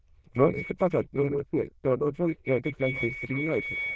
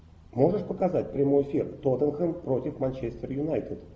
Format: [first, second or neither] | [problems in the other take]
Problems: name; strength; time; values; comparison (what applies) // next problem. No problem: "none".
second | noise reduction (neural diffusion model UNIVERSE++)